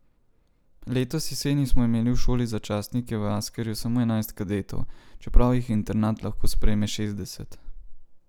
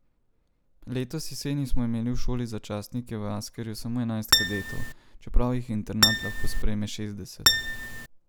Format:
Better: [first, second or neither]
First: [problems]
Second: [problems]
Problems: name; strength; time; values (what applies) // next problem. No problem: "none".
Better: first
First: none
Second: background sound (Acoustic guitar); 3 dB above the speech